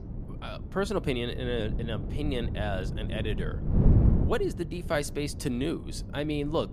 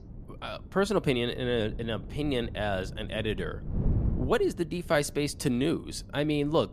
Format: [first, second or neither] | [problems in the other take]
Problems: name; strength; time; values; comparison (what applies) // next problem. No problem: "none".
second | wind noise on the microphone; heavy; 8 dB below the speech; occasional gusts in the second